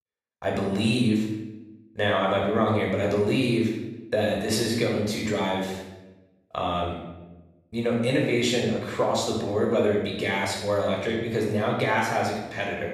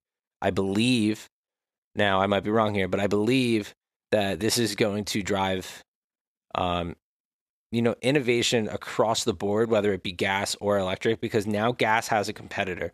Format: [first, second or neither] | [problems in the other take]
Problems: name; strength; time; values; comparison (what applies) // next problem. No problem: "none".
second | off-mic speech; far // room echo; noticeable; dies away in 0.9 s